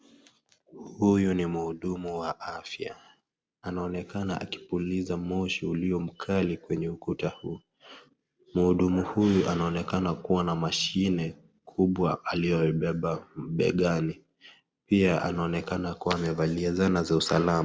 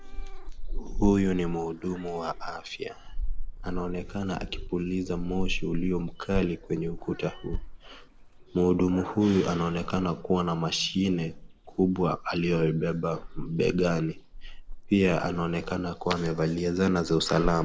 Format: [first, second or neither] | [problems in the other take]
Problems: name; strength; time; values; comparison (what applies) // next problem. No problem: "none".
first | background sound (Thump, thud + Meow / Purr); 7 dB below the speech